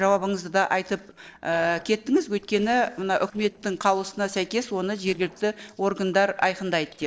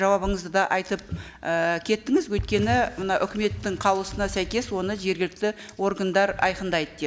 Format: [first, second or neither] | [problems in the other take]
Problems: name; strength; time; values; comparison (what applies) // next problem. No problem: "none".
second | noise reduction (neural separator model SepFormer DNS4)